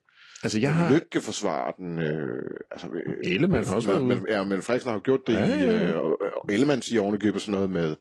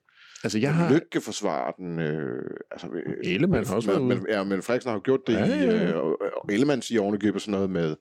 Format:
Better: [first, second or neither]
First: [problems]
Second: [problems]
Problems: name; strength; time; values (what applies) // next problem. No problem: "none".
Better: second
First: garbled, watery; slightly; nothing above 11 kHz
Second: none